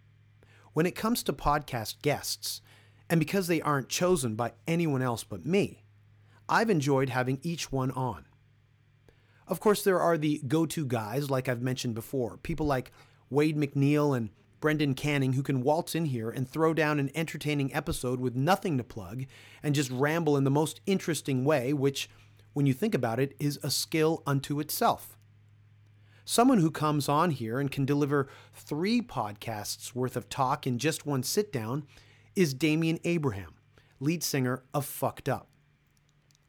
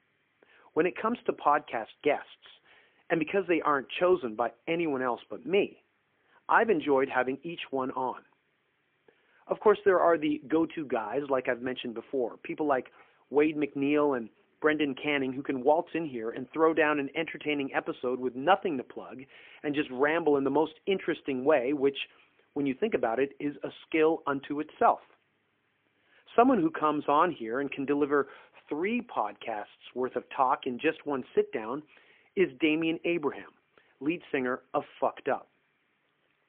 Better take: first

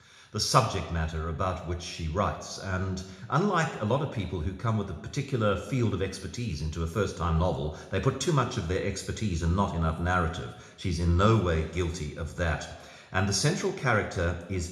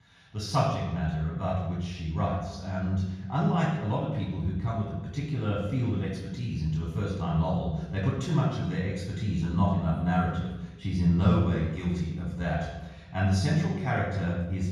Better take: first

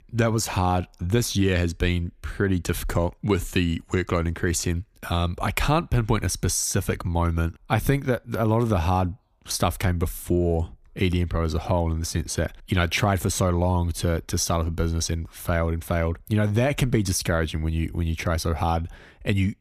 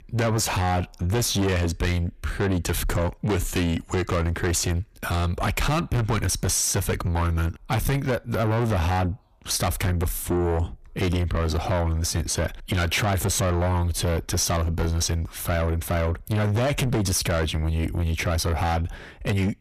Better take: first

